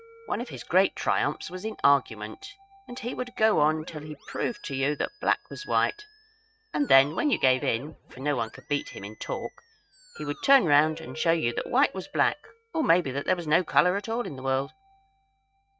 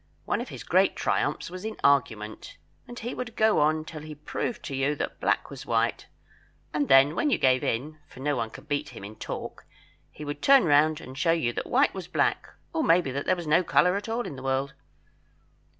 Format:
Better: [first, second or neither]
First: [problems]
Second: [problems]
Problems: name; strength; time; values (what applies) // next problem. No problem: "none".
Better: second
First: noise reduction (neural mask model RNNoise)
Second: none